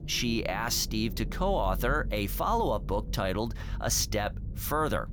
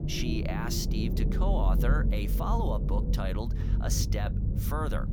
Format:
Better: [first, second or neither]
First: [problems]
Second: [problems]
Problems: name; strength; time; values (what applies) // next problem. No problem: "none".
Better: first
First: low rumble; faint; throughout; 20 dB below the speech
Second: low rumble; loud; throughout; 6 dB below the speech